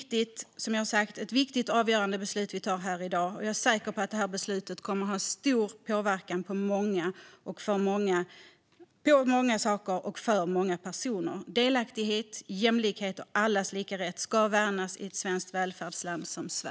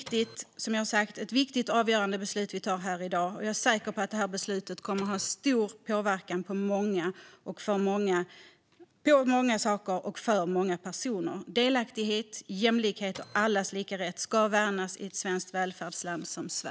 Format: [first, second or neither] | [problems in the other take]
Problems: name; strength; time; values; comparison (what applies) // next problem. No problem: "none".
first | background sound (Printer); 17 dB below the speech